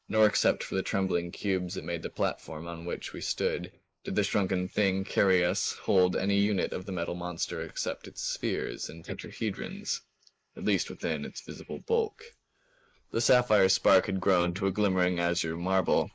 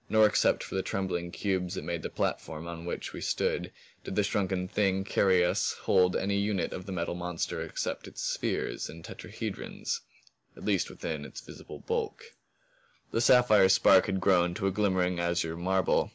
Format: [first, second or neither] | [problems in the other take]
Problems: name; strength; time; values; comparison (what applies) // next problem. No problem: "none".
second | noise reduction (neural mask model Resemble Enhance denoiser)